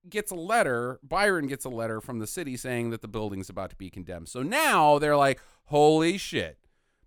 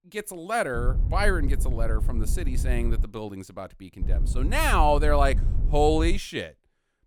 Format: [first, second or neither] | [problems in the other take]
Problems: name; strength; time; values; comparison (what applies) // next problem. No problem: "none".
first | low rumble; noticeable; from 0.5 to 3 s and from 4 to 6 s; 20 dB below the speech